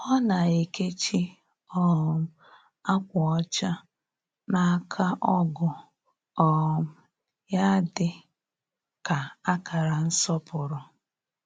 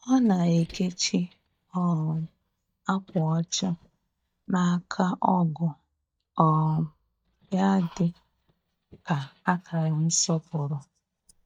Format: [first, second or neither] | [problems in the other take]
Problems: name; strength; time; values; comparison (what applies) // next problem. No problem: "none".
first | noise reduction (neural mask model DeepFilterNet 3)